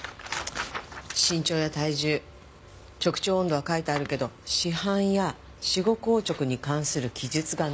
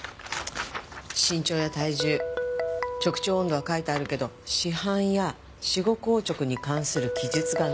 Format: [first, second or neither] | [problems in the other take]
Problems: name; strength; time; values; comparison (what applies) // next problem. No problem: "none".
first | background sound (Guitar); 7 dB below the speech